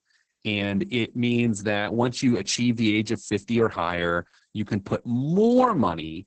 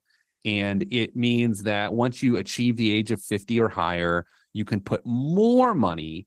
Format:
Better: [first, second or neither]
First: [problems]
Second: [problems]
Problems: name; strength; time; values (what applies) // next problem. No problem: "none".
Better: second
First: garbled, watery; badly; nothing above 8 kHz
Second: garbled, watery; slightly; nothing above 15.5 kHz